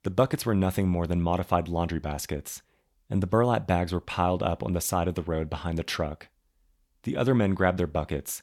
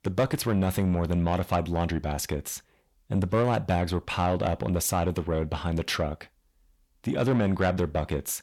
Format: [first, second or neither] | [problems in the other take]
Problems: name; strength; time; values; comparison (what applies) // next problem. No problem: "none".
first | distortion; slight; 10 dB below the speech